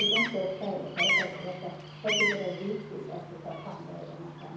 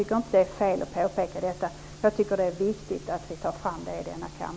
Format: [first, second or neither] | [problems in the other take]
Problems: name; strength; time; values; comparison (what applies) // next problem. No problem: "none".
second | background sound (Bird vocalization, bird call, bird song); 2 dB above the speech // room echo; dies away in 0.9 s